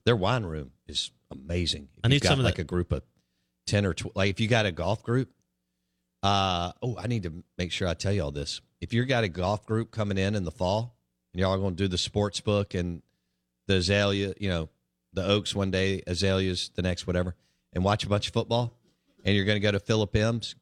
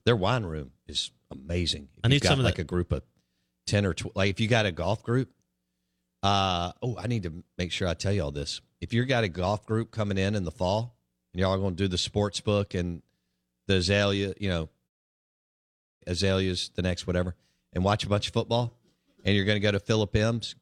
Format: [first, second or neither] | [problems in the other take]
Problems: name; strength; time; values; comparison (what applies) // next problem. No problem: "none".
first | audio cutting out; at 15 s for 1 s